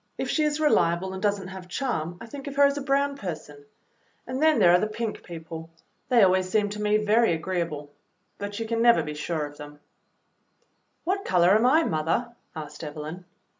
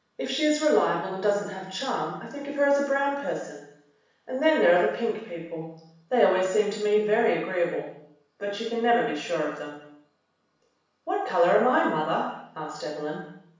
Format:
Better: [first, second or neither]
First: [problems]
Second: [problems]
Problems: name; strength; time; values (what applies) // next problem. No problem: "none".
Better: first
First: none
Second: room echo; dies away in 0.7 s